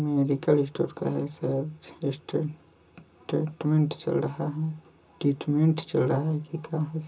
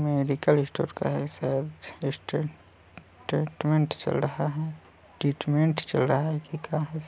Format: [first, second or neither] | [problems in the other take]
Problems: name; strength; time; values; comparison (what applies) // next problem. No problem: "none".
second | room echo; dies away in 0.2 s